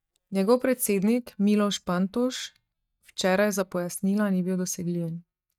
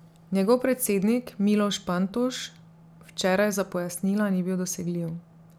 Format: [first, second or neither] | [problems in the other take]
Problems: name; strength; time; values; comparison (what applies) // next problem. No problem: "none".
second | noise reduction (neural mask model DeepFilterNet 3)